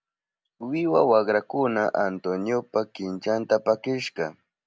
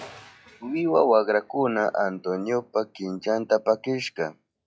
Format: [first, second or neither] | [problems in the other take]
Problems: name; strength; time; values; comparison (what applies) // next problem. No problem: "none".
first | noise reduction (classical method log-MMSE)